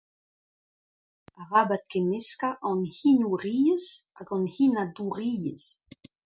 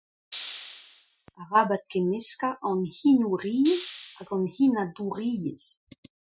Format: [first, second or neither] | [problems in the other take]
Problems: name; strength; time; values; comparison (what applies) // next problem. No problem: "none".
first | noise reduction (classical method Wiener filter)